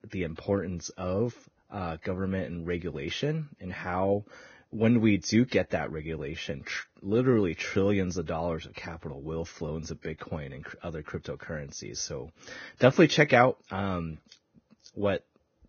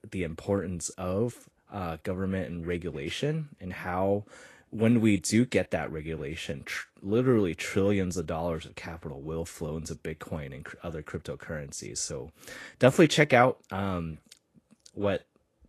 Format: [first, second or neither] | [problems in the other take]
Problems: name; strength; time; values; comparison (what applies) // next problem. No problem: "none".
second | garbled, watery; badly; nothing above 6.5 kHz; slightly in the second